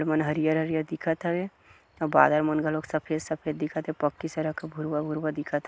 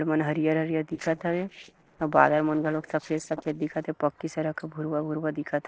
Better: first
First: none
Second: noise reduction (neural separator model SepFormer DNS4)

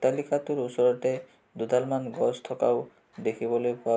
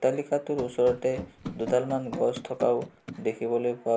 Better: first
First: none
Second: background sound (Run); 13 dB below the speech

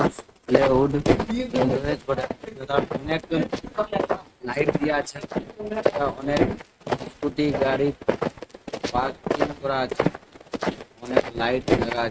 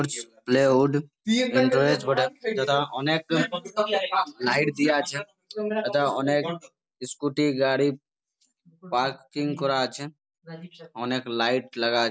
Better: second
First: noise reduction (neural mask model RNNoise)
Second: none

